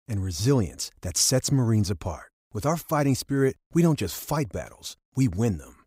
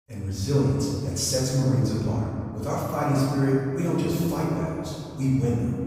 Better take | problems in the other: first | off-mic speech; far // room echo; strong; dies away in 2.4 s

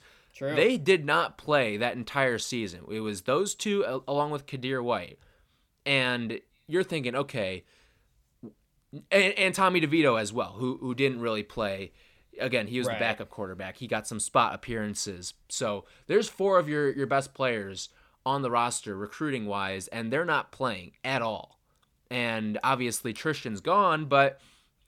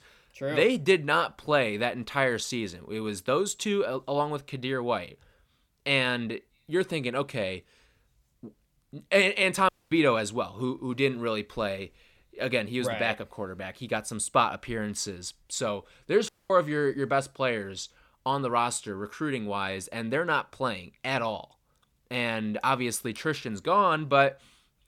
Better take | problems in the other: first | audio cutting out; at 9.5 s and at 16 s

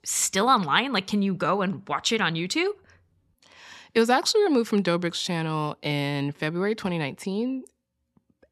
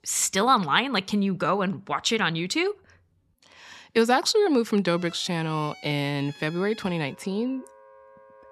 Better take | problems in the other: first | background music; faint; from 5 s on; 25 dB below the speech

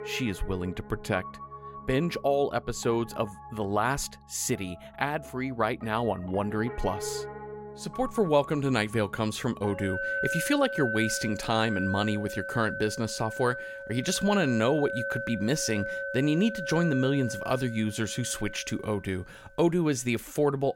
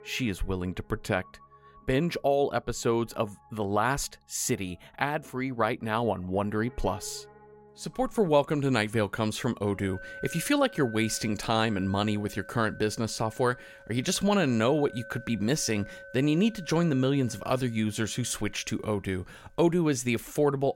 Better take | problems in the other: second | background music; loud; throughout; 8 dB below the speech; faint in the second

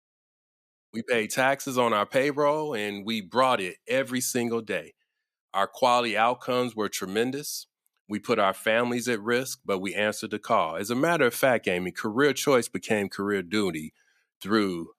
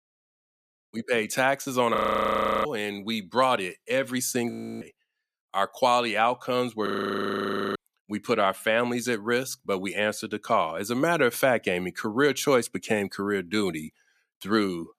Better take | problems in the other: first | audio freezing; at 2 s for 0.5 s, at 4.5 s and at 7 s for 1 s

